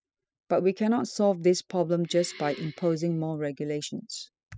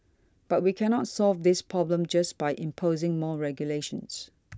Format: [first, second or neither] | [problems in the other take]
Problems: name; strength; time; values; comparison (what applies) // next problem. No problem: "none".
second | noise reduction (classical method spectral subtraction)